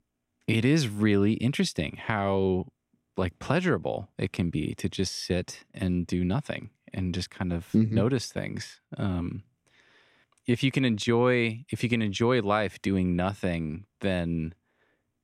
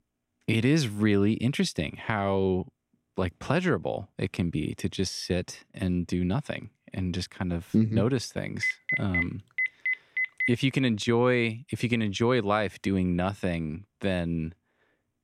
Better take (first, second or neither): first